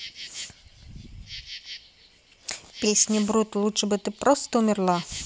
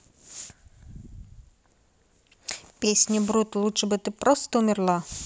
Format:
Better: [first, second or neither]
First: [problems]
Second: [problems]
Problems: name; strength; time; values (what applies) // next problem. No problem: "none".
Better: second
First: background sound (Insect); 17 dB below the speech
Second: none